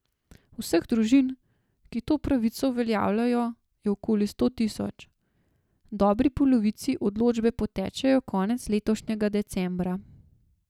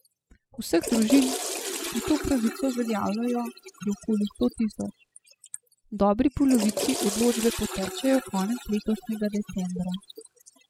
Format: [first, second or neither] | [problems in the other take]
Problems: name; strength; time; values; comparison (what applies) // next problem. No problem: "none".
first | noise reduction (classical method spectral subtraction)